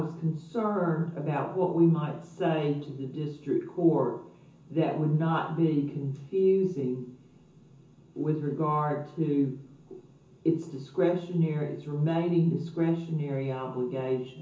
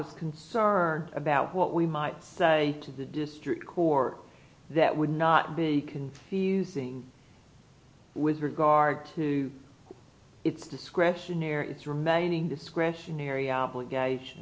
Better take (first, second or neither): second